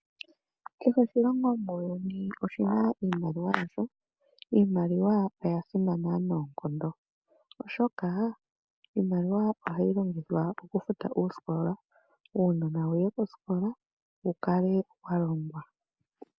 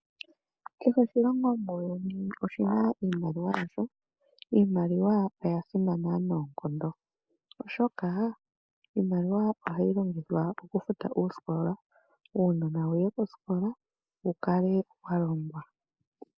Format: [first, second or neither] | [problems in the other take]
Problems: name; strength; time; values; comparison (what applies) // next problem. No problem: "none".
first | noise reduction (neural mask model Resemble Enhance denoiser)